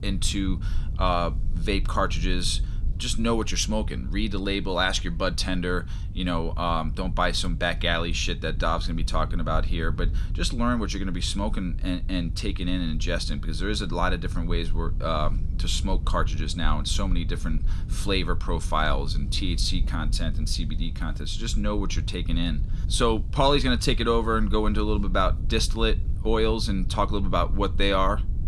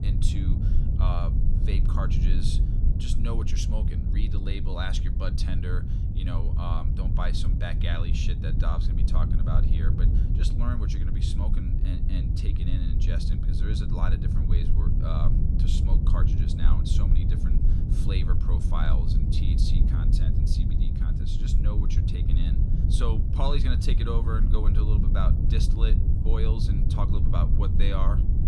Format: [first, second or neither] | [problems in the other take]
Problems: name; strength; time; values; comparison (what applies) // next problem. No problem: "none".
first | low rumble; loud; throughout; 2 dB below the speech; faint in the first